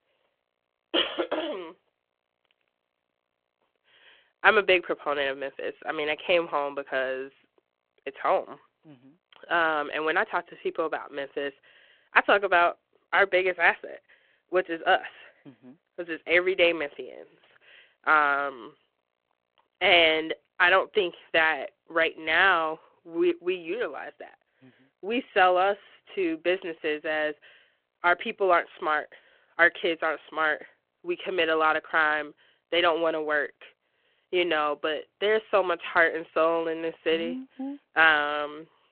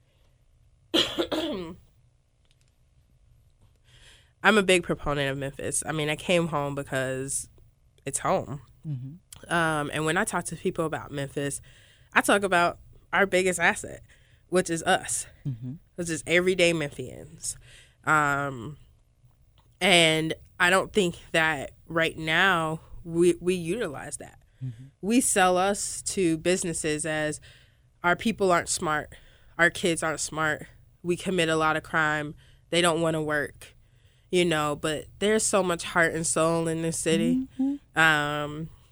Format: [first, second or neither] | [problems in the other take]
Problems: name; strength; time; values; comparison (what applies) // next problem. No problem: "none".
second | phone-call audio